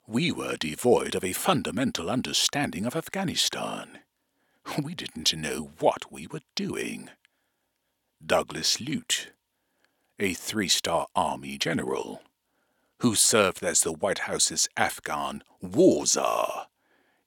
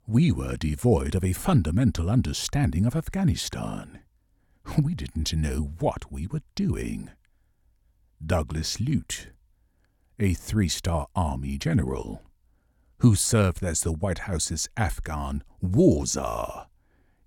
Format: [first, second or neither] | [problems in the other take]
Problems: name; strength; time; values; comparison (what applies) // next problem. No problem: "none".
second | thin; somewhat; fading below 350 Hz